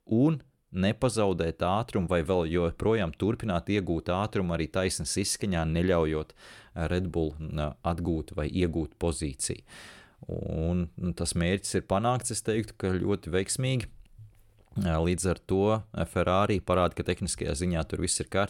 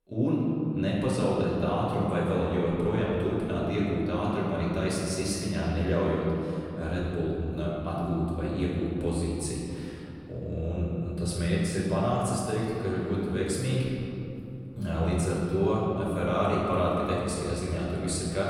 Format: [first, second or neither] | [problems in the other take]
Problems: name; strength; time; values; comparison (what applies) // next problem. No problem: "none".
first | room echo; strong; dies away in 3 s // off-mic speech; far